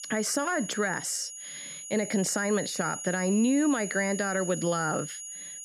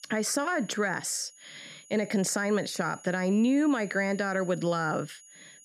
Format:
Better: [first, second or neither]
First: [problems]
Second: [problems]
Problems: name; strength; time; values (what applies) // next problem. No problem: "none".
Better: second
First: high-pitched whine; loud; throughout; 7 kHz, 8 dB below the speech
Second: high-pitched whine; faint; throughout; 7 kHz, 20 dB below the speech